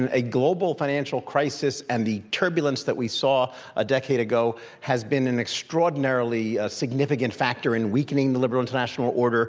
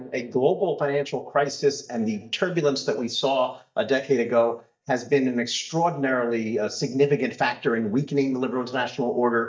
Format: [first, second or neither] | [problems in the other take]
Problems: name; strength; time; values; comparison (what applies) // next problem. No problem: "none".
first | noise reduction (neural mask model DeepFilterNet 3)